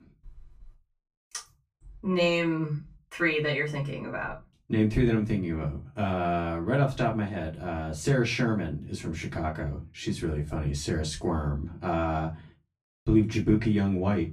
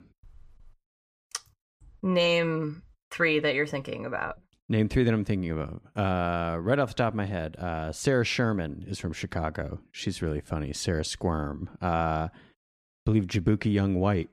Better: second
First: off-mic speech; far // room echo; very slight; dies away in 0.2 s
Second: none

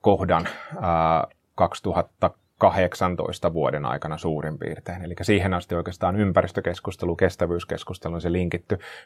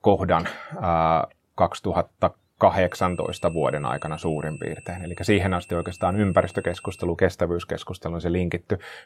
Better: first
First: none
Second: high-pitched whine; faint; from 3 to 7 s; 2.5 kHz, 20 dB below the speech

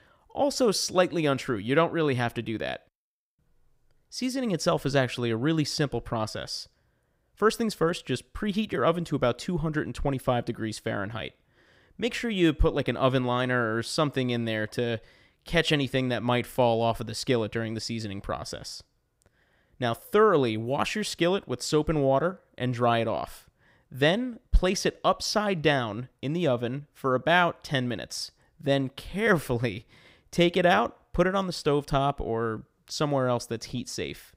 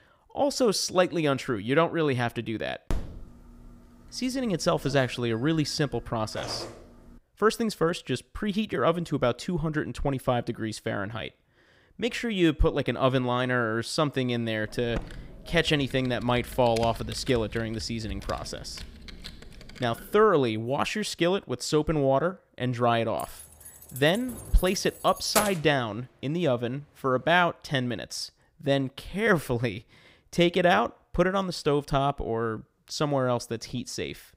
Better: first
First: none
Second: phone ringing; noticeable; from 3 to 6.5 s; peak 9 dB below the speech // keyboard typing; faint; from 15 to 20 s; peak 10 dB below the speech // jangling keys; noticeable; from 23 to 26 s; peak 1 dB below the speech

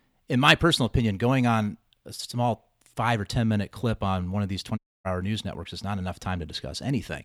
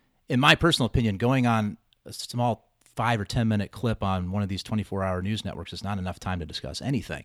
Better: second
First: audio cutting out; at 5 s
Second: none

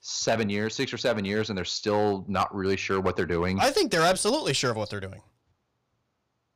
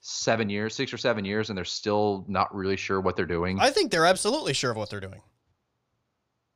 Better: second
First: distortion; slight; 3% of the sound clipped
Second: none

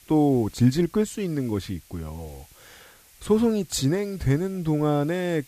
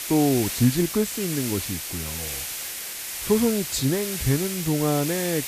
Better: first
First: hiss; faint; throughout; 25 dB below the speech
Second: hiss; loud; throughout; 5 dB below the speech

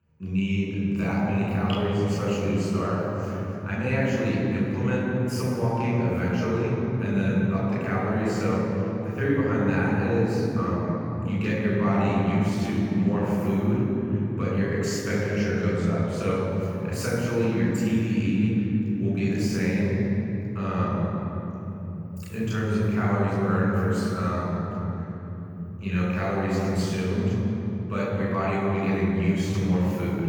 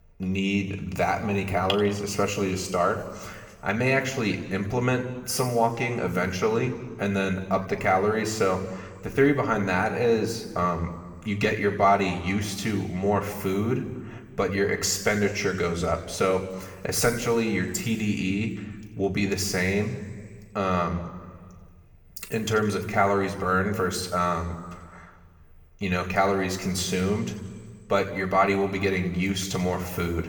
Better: second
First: room echo; strong; dies away in 3 s // off-mic speech; far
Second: room echo; slight; dies away in 1.2 s

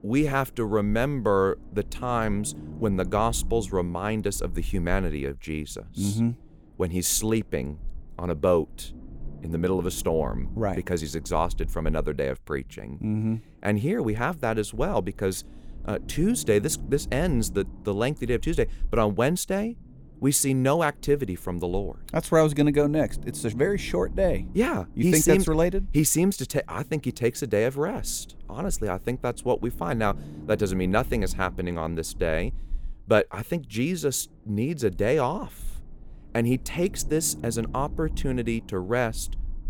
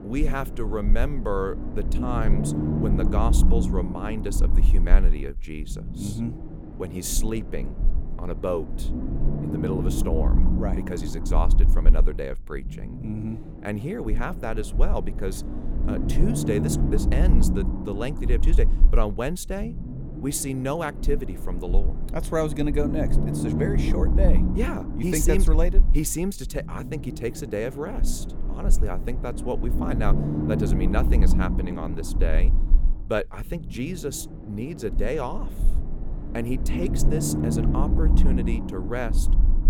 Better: first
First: low rumble; faint; throughout; 25 dB below the speech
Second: low rumble; loud; throughout; 5 dB below the speech

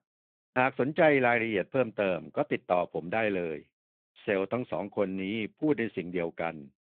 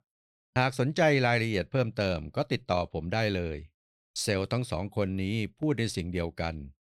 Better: second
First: phone-call audio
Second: none

